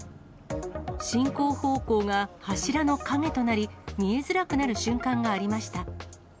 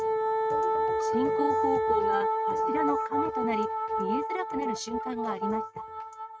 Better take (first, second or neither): first